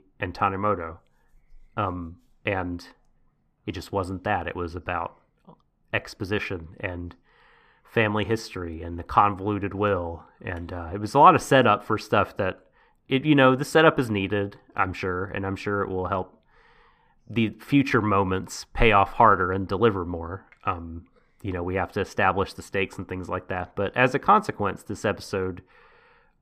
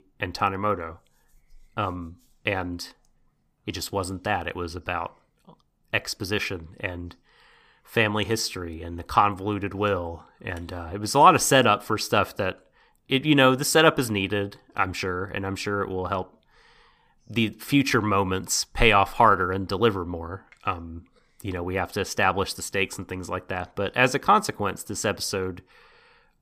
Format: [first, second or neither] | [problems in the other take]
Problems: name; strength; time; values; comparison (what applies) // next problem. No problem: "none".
second | muffled; slightly; fading above 3.5 kHz